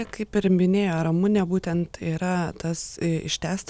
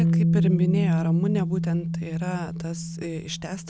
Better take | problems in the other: first | background sound (Bass guitar); 5 dB above the speech

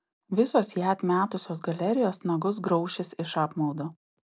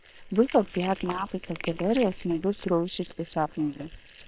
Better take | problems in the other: first | noise reduction (neural separator model SepFormer WHAM!)

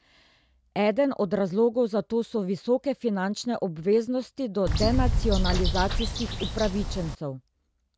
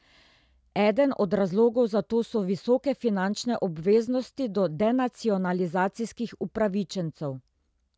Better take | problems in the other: second | background sound (Bird); 1 dB above the speech

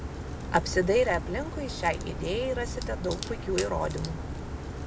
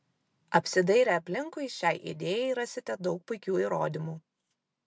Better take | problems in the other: second | background sound (Crack); 5 dB below the speech

